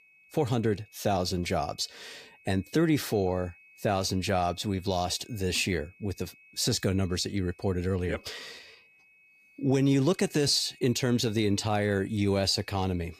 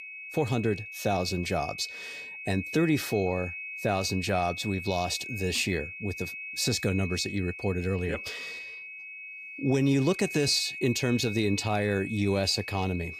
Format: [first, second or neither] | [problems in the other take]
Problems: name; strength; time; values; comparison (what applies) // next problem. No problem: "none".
first | high-pitched whine; loud; throughout; 2.5 kHz, 9 dB below the speech; faint in the first